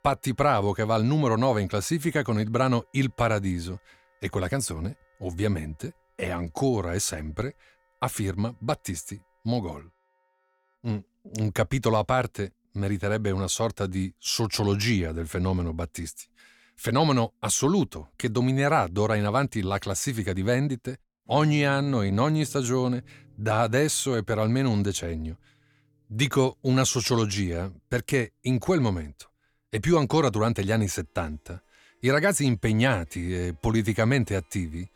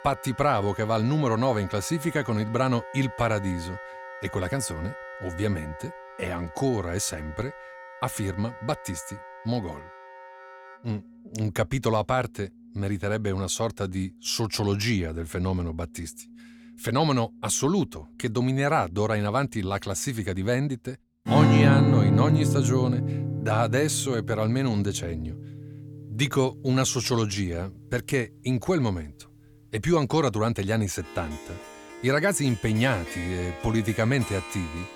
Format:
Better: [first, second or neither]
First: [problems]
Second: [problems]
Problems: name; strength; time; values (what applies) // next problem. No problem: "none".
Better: first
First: background music; faint; throughout; 30 dB below the speech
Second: background music; loud; throughout; 3 dB below the speech